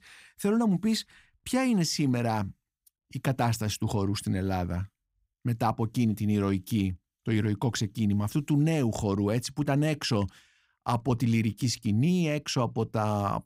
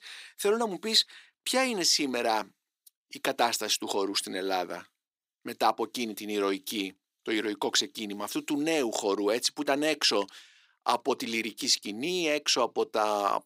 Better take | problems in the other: first | thin; somewhat; fading below 350 Hz

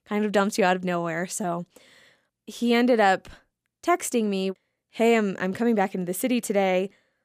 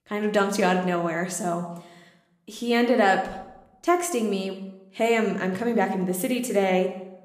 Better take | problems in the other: first | room echo; slight; dies away in 0.7 s

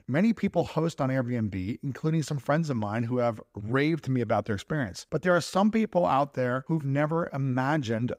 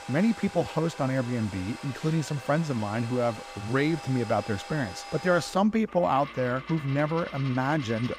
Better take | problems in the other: first | household noises; noticeable; throughout; 15 dB below the speech

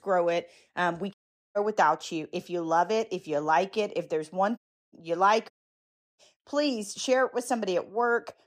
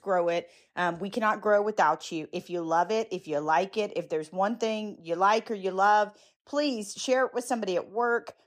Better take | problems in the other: second | audio cutting out; at 1 s, at 4.5 s and at 5.5 s for 0.5 s

